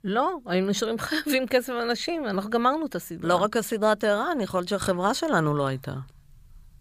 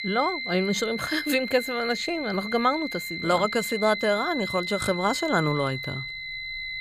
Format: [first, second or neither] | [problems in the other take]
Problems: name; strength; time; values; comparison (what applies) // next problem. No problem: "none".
first | high-pitched whine; loud; throughout; 2 kHz, 5 dB below the speech